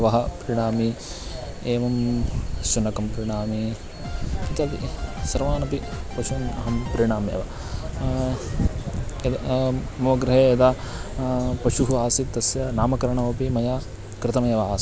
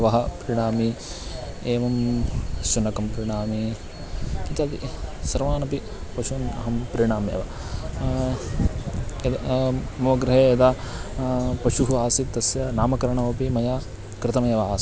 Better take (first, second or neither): second